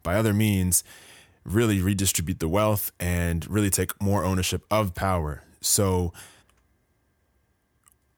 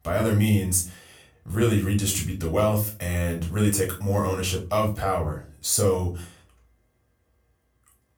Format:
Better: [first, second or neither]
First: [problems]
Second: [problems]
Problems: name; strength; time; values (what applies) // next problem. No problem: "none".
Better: first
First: none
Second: off-mic speech; somewhat distant // room echo; very slight; dies away in 0.3 s